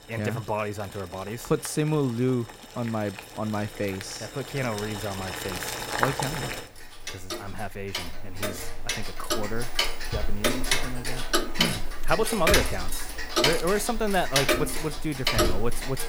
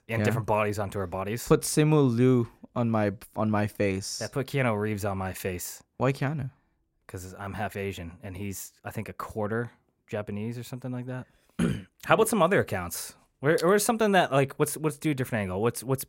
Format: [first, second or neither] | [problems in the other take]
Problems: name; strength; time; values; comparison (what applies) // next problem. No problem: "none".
second | household noises; very loud; throughout; 2 dB above the speech